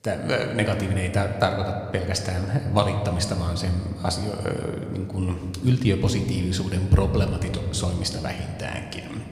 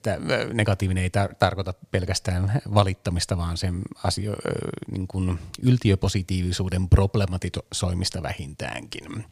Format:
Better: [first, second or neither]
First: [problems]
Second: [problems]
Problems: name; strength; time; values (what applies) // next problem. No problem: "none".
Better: second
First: room echo; slight; dies away in 2.1 s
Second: none